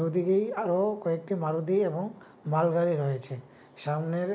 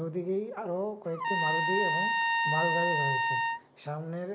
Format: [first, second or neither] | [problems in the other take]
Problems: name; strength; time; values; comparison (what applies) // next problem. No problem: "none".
first | background sound (Trumpet); 5 dB above the speech